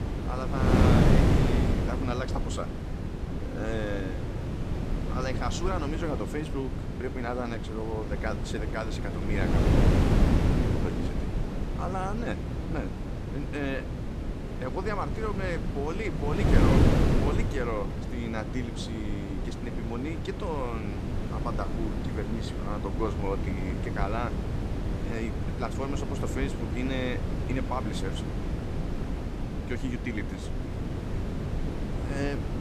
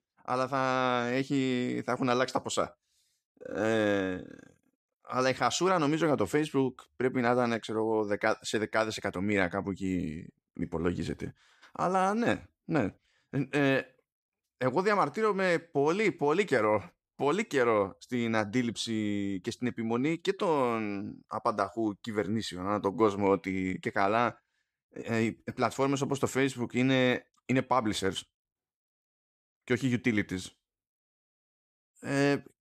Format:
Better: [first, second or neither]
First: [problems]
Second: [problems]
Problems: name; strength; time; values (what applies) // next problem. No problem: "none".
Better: second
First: wind noise on the microphone; heavy; 1 dB below the speech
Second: none